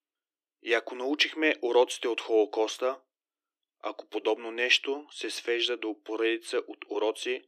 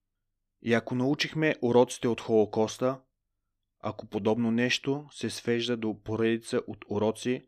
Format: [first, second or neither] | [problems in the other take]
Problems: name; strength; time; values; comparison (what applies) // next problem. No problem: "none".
second | thin; somewhat; fading below 300 Hz